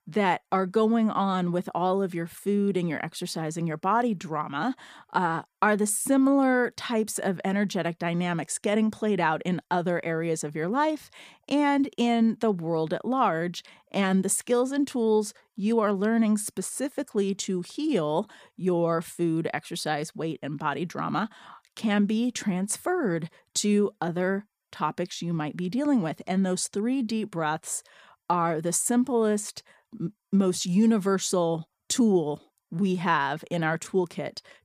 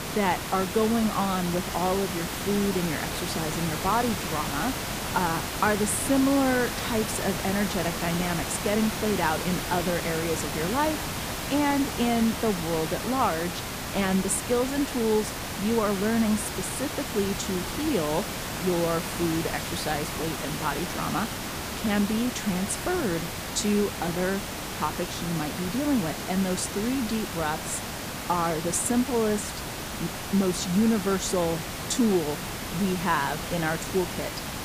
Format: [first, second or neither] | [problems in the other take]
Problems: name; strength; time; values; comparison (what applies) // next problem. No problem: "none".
first | hiss; loud; throughout; 4 dB below the speech